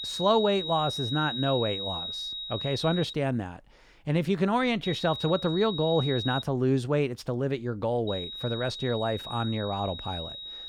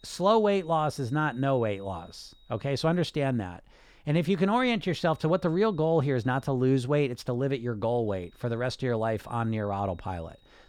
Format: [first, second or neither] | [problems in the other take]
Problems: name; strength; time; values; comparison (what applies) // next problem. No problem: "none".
second | high-pitched whine; loud; until 3 s, from 5 to 6.5 s and from 8 s on; 4 kHz, 6 dB below the speech; faint in the second